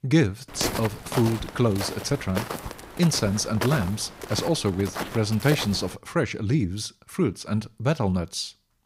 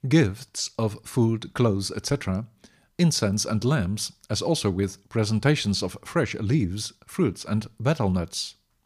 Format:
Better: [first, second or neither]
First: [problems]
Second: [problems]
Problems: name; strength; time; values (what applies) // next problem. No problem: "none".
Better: second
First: footsteps; noticeable; from 0.5 to 6 s; peak 3 dB below the speech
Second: none